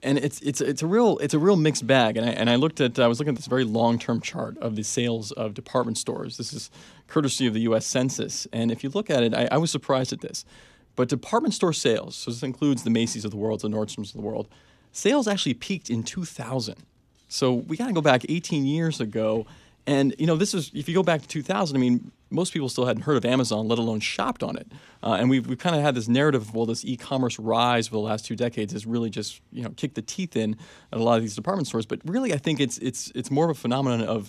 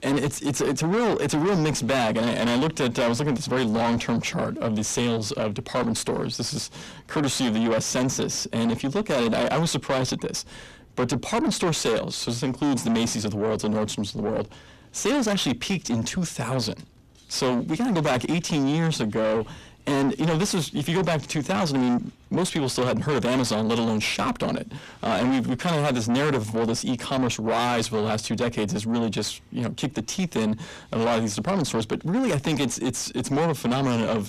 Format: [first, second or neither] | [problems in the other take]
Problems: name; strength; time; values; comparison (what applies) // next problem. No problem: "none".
first | distortion; heavy; 6 dB below the speech